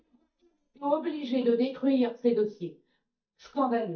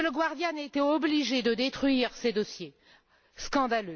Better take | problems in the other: second | noise reduction (neural mask model DeepFilterNet 3)

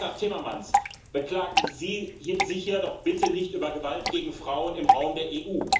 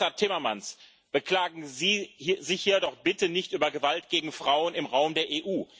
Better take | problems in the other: second | background sound (Drip / Water); as loud as the speech // room echo; dies away in 0.6 s

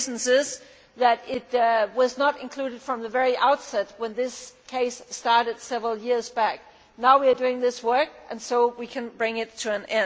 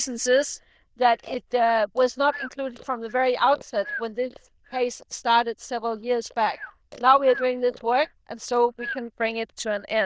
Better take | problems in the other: first | noise reduction (neural diffusion model UNIVERSE++)

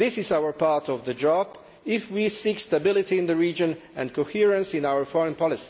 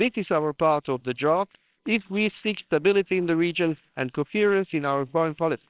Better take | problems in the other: first | noise reduction (neural separator model SepFormer WHAMR!)

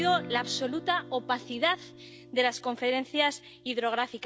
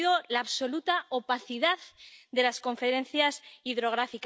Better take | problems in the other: second | background sound (Guitar); 15 dB below the speech

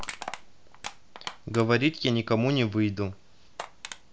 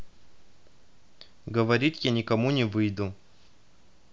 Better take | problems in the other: second | background sound (Crushing); 15 dB below the speech

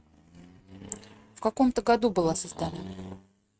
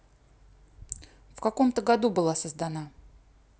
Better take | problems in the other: second | noise reduction (neural mask model RNNoise)

